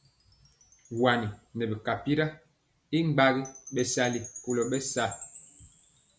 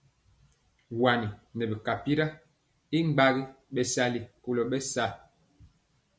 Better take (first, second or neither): second